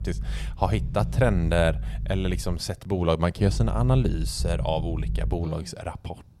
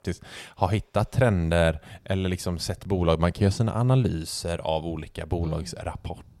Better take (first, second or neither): second